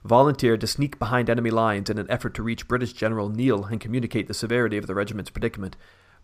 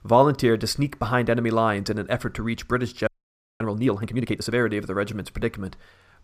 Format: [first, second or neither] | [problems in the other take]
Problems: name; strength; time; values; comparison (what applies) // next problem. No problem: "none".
first | audio freezing; at 3 s for 0.5 s